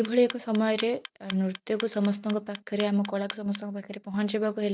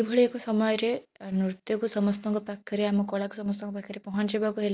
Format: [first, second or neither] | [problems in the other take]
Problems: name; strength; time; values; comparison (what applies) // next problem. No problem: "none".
second | noise reduction (neural mask model RNNoise)